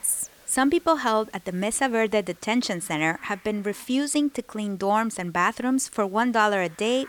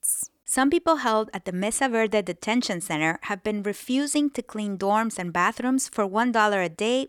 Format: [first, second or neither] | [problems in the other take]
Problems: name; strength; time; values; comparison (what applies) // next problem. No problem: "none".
second | hiss; faint; throughout; 30 dB below the speech